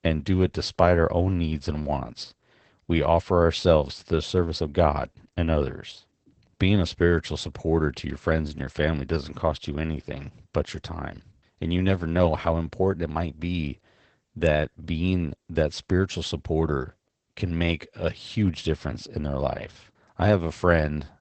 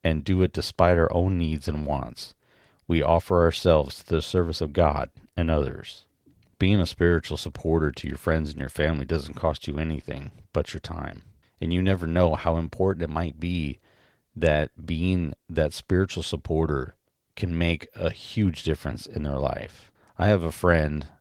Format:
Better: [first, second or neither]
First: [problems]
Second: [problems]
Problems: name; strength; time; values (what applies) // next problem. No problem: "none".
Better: second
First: garbled, watery; badly; nothing above 8 kHz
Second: garbled, watery; slightly; nothing above 19 kHz